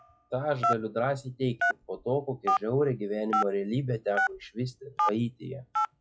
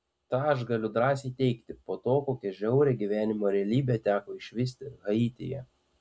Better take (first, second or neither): second